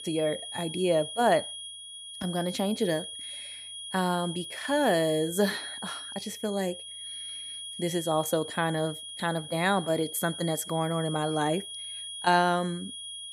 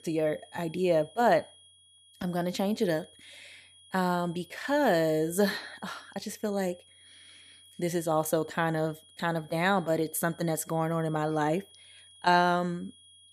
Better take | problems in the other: second | high-pitched whine; loud; throughout; 3.5 kHz, 9 dB below the speech; faint in the second

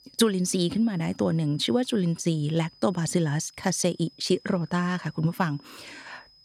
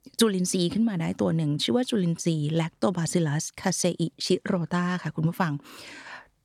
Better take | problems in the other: second | high-pitched whine; faint; throughout; 5 kHz, 25 dB below the speech

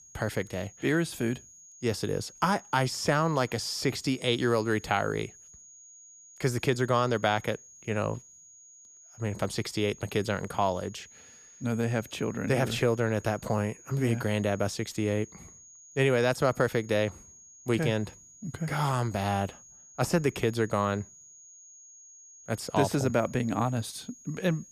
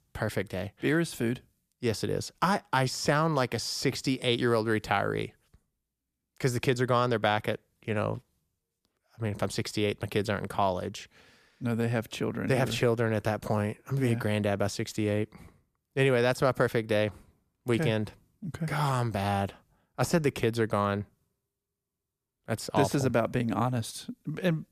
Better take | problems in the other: second | high-pitched whine; faint; throughout; 6.5 kHz, 20 dB below the speech

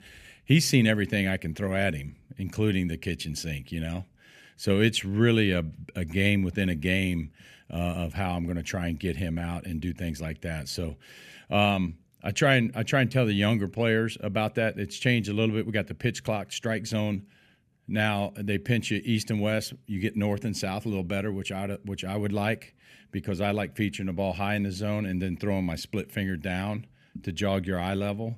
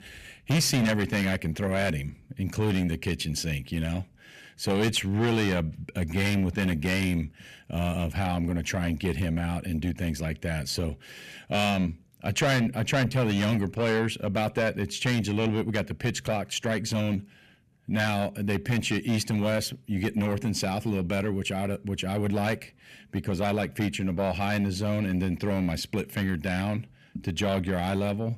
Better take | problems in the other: first | distortion; heavy; 7 dB below the speech

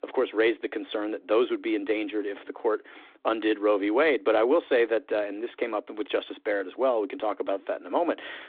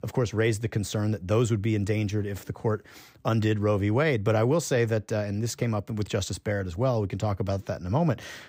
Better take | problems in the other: second | phone-call audio

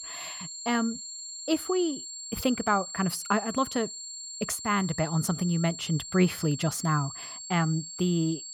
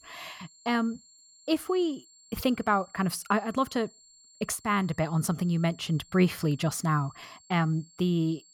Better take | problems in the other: second | high-pitched whine; loud; throughout; 7.5 kHz, 9 dB below the speech; faint in the second

